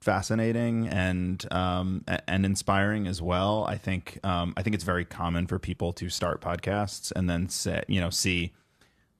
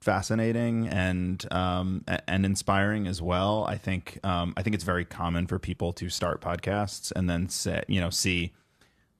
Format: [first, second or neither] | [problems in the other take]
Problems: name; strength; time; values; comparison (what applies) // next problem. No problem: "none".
neither | none